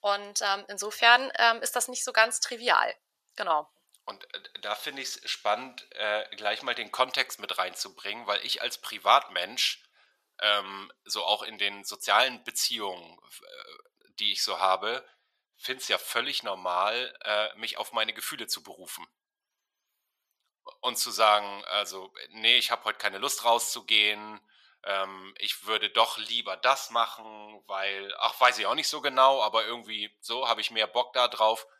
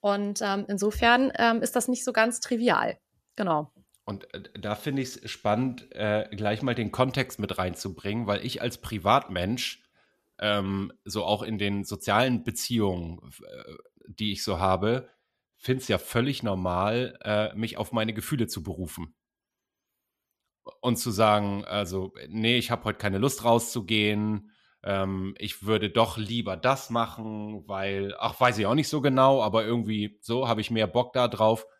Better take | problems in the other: second | thin; very; fading below 900 Hz

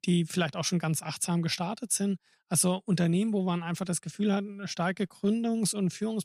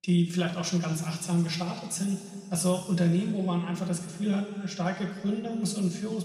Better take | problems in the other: first | room echo; noticeable; dies away in 2.1 s // off-mic speech; somewhat distant

